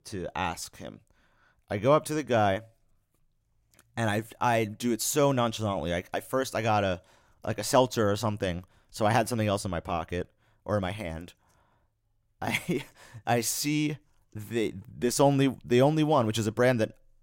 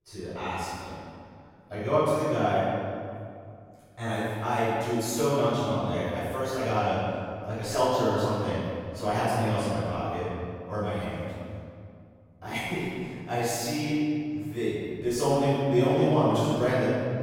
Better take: first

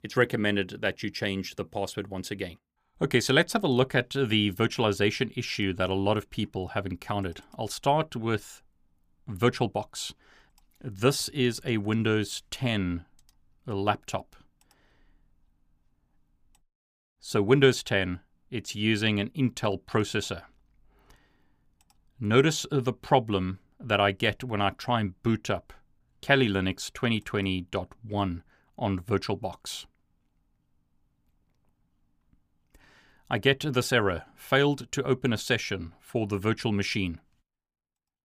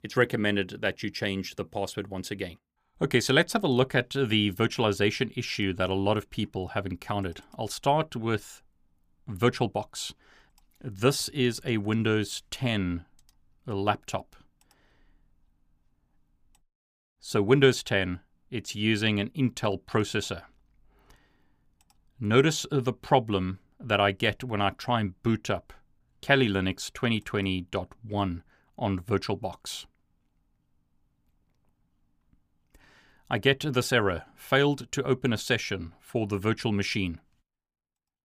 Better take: neither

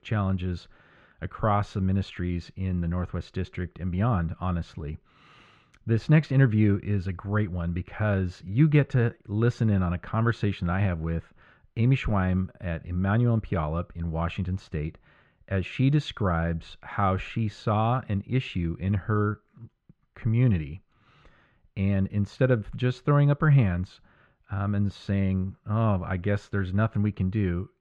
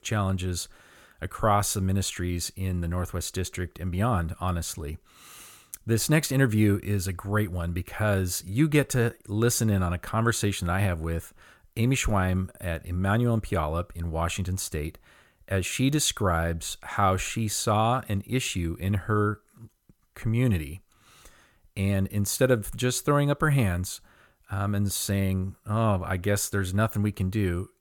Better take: second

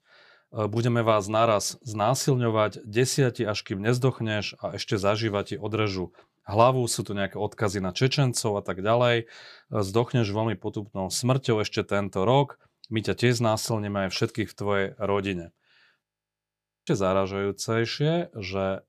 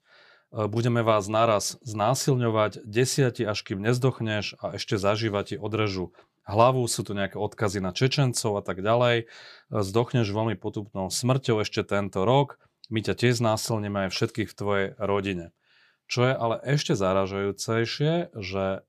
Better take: second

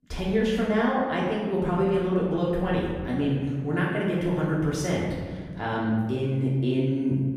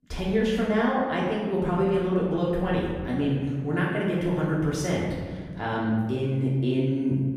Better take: neither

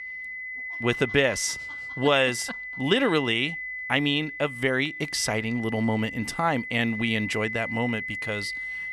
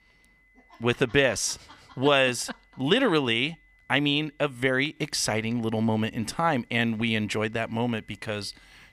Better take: second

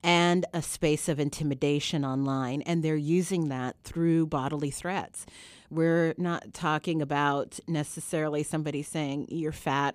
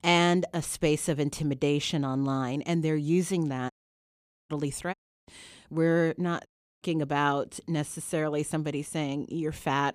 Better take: first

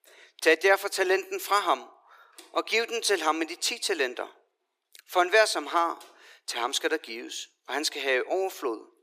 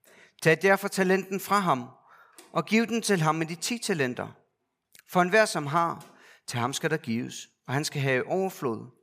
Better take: second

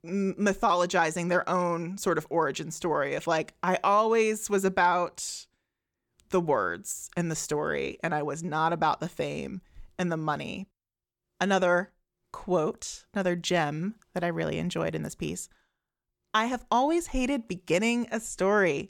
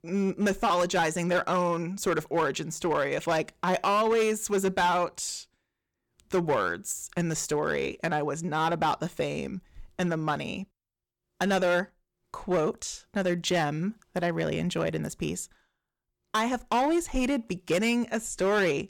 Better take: first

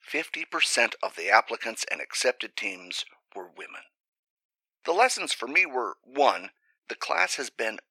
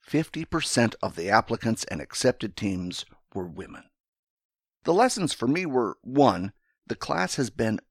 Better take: second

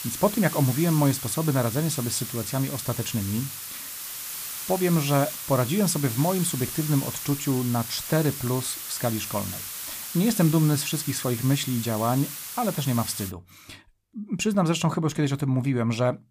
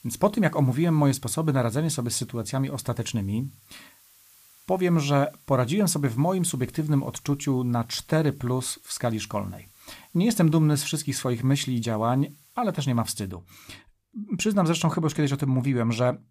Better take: second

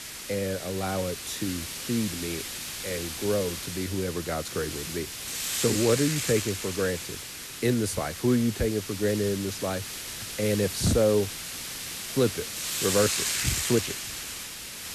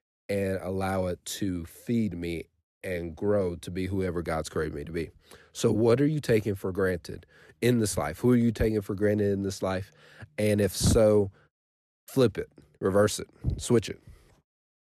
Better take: second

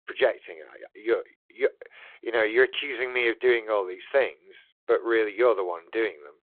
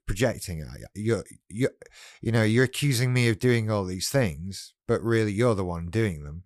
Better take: second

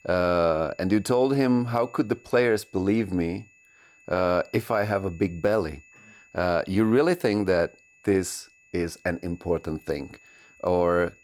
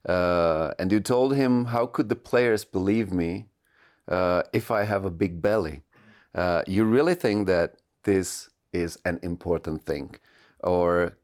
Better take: second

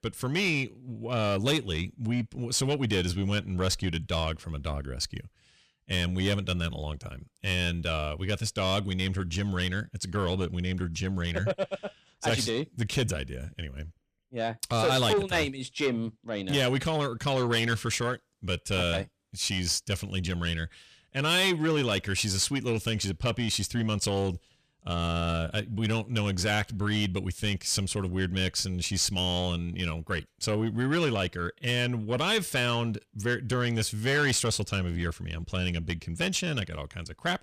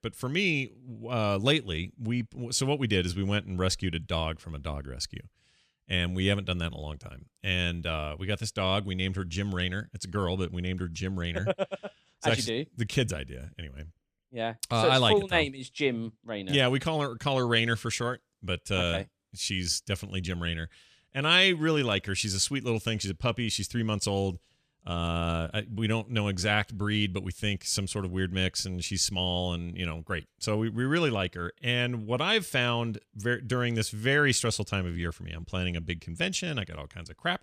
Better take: second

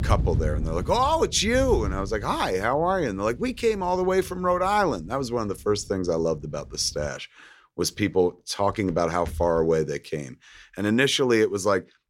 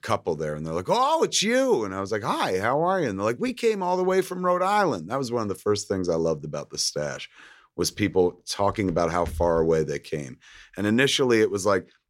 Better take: second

